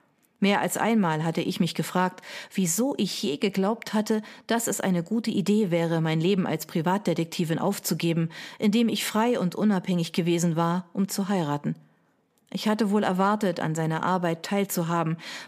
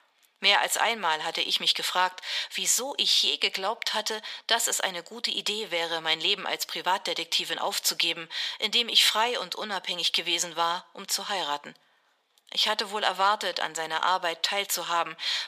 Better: first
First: none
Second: thin; very; fading below 800 Hz

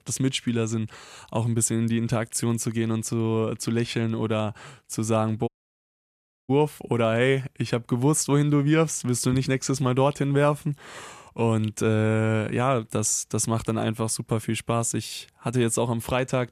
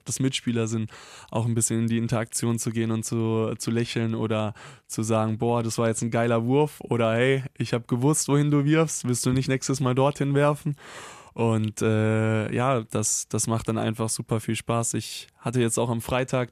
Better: second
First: audio cutting out; at 5.5 s for 1 s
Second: none

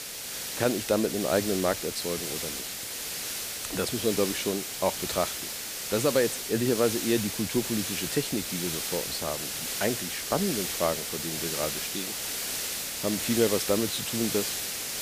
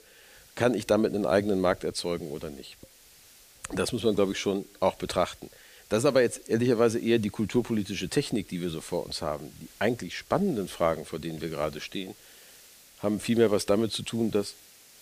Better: second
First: hiss; loud; throughout; 1 dB below the speech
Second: hiss; faint; throughout; 25 dB below the speech

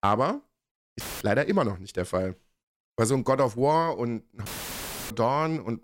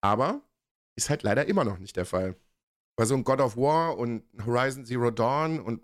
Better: second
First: audio cutting out; filled with static; at 1 s and at 4.5 s for 0.5 s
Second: none

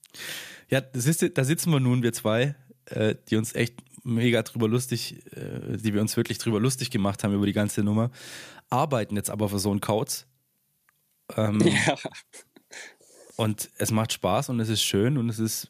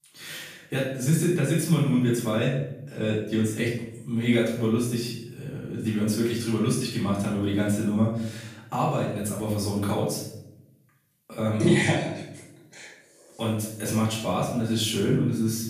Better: first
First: none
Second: off-mic speech; far // room echo; noticeable; dies away in 0.7 s

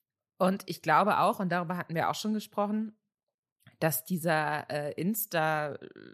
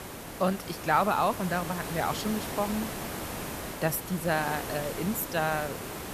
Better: first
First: none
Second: hiss; loud; throughout; 7 dB below the speech

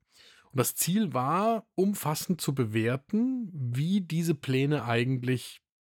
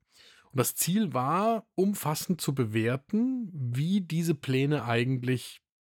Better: neither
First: none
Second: none

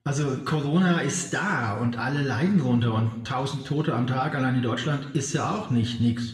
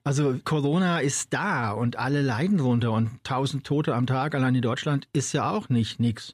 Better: second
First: room echo; slight; dies away in 0.9 s // off-mic speech; somewhat distant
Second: none

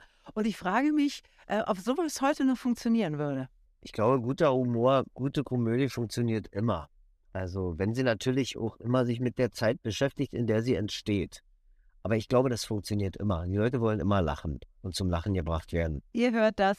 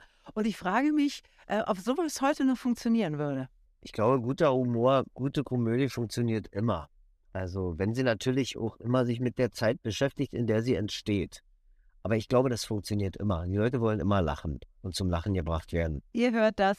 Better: neither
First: none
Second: none

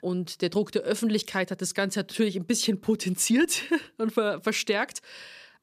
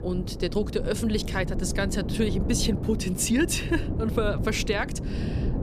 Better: first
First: none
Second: wind noise on the microphone; heavy; 10 dB below the speech

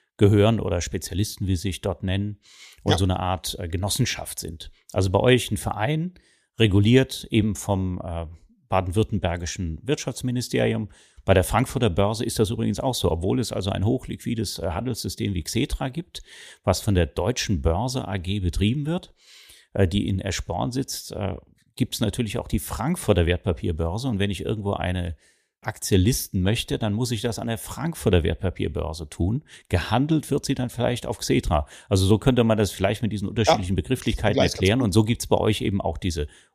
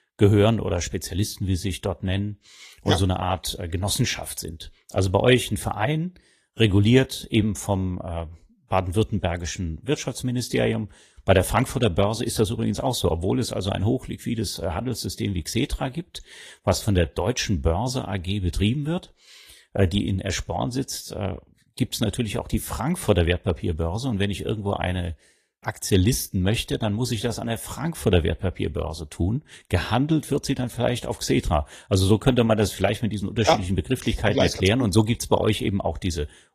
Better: first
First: none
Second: garbled, watery; slightly; nothing above 14.5 kHz

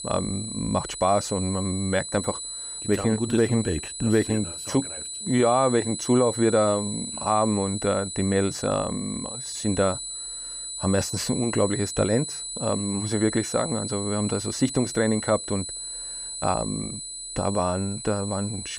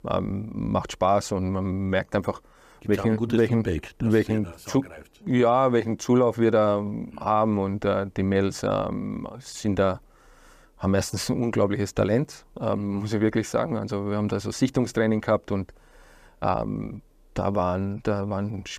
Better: second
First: high-pitched whine; loud; throughout; 8 kHz, 6 dB below the speech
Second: none

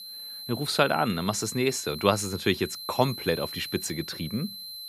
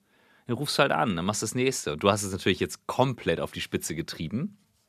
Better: second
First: high-pitched whine; loud; throughout; 4 kHz, 10 dB below the speech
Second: none

